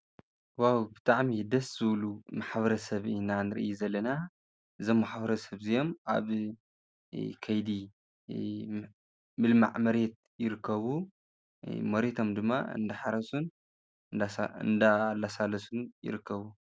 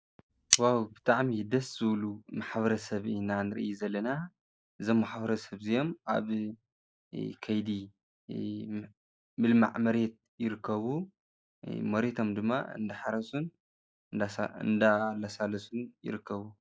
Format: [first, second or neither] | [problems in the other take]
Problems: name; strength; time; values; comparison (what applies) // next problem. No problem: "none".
first | noise reduction (classical method log-MMSE)